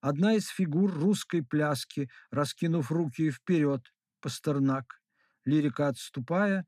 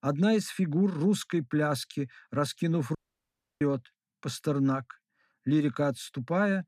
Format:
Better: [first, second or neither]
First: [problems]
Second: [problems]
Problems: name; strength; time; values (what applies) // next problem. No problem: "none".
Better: first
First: none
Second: audio cutting out; at 3 s for 0.5 s